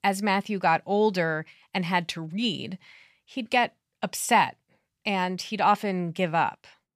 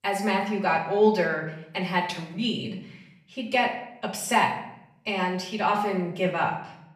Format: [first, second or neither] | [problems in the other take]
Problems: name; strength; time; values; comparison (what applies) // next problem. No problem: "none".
first | off-mic speech; far // room echo; slight; dies away in 0.7 s